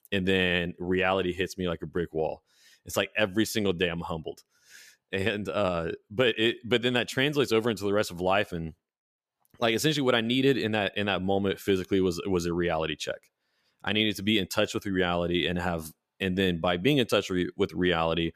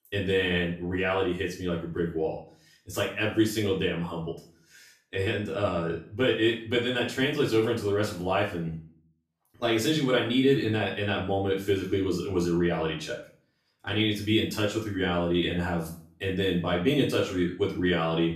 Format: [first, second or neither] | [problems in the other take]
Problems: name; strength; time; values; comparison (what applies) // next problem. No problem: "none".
first | off-mic speech; far // room echo; slight; dies away in 0.4 s